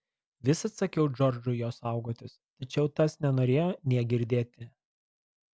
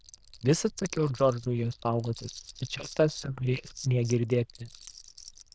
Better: first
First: none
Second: noise reduction (neural diffusion model UNIVERSE++)

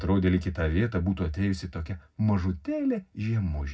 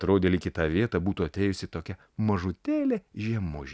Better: second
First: room echo; dies away in 0.4 s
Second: none

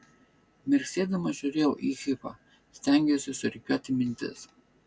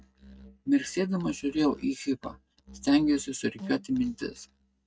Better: first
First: none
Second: noise reduction (neural mask model RNNoise)

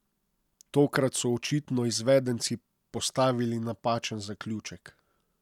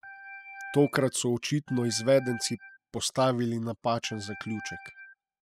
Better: first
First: none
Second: noise reduction (classical method spectral subtraction)

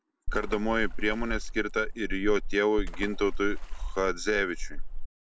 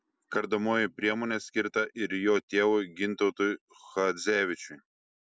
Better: second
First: background sound (Water / Splash, splatter); 1 dB below the speech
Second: none

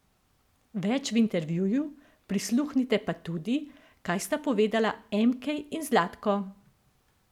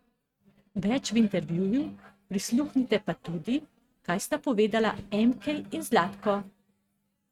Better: first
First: none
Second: noise reduction (neural mask model RNNoise)

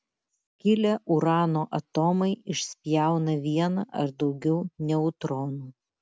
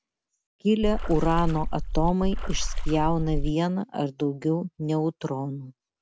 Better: first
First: none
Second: background sound (Water / Splash, splatter); 1 dB above the speech

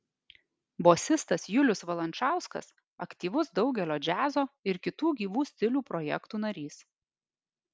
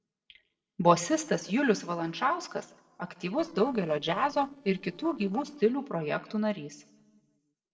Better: first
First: none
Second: noise reduction (neural separator model SepFormer DNS4)

